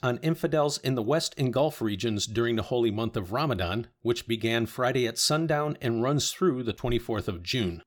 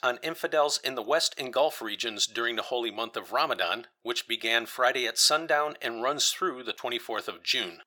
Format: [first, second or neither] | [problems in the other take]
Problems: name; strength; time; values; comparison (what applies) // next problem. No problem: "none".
first | thin; very; fading below 700 Hz